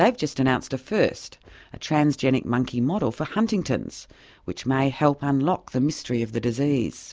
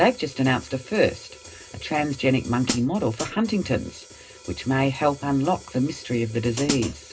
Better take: first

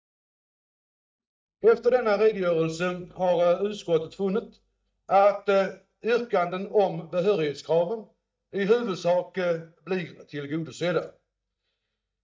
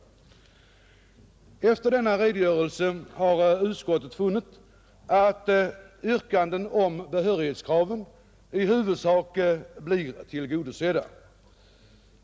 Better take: second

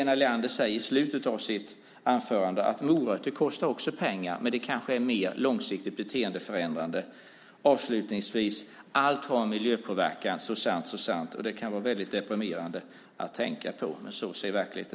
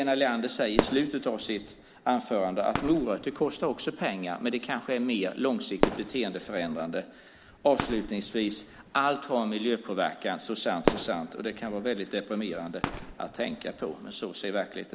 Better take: first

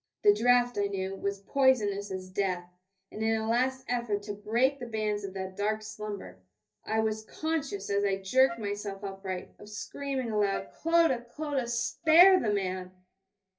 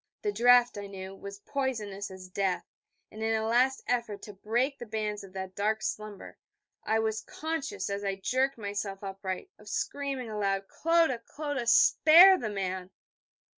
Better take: second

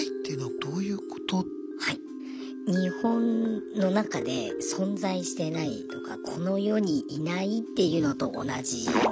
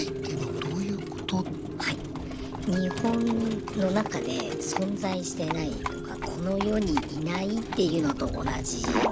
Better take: first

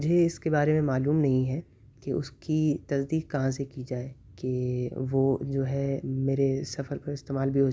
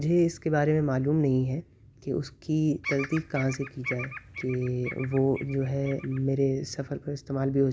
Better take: first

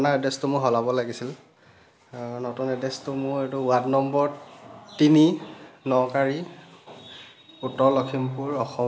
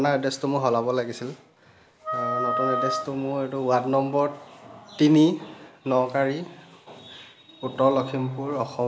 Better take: first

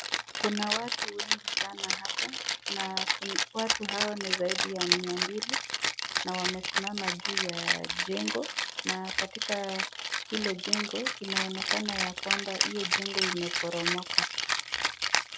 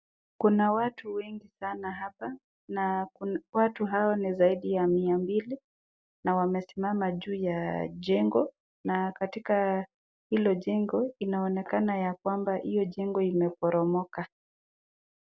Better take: second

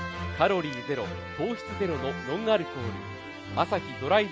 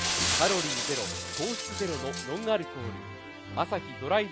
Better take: first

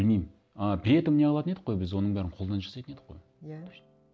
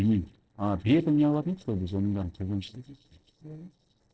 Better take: first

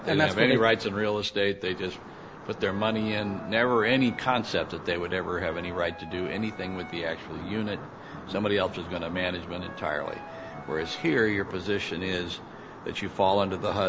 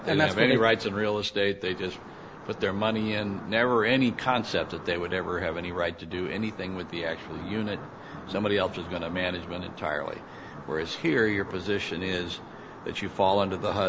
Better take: second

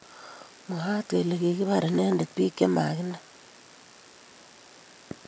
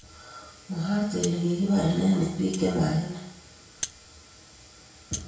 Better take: first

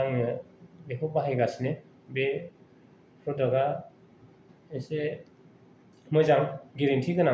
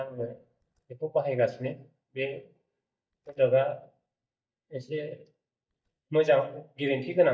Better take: first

